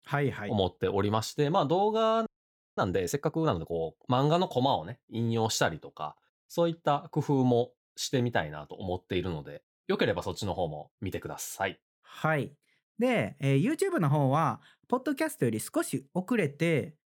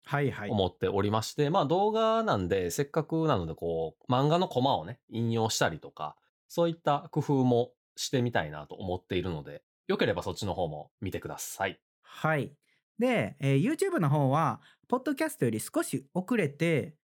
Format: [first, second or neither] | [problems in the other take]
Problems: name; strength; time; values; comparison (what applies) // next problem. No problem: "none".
second | audio freezing; at 2.5 s for 0.5 s